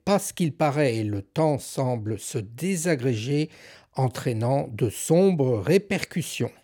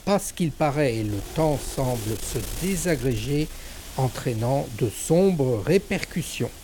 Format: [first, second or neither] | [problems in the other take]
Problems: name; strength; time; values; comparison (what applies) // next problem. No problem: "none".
first | wind noise on the microphone; occasional gusts; 15 dB below the speech